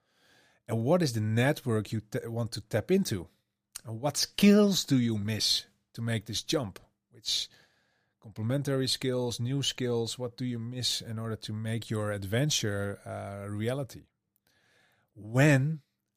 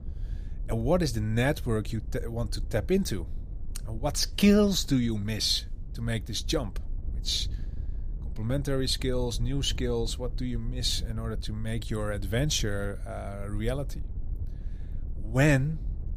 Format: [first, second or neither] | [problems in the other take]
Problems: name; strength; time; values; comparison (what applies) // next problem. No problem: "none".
first | wind noise on the microphone; occasional gusts; 25 dB below the speech